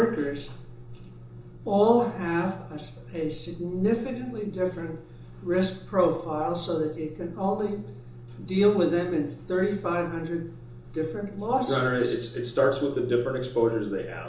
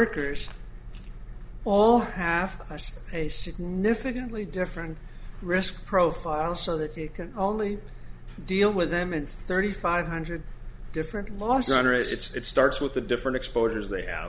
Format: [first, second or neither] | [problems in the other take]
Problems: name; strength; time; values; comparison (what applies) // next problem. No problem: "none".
second | room echo; dies away in 0.6 s